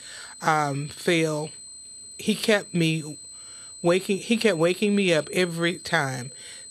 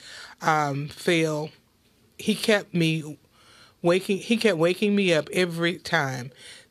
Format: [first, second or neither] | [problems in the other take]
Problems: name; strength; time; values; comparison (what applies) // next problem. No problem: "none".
second | high-pitched whine; noticeable; throughout; 8 kHz, 15 dB below the speech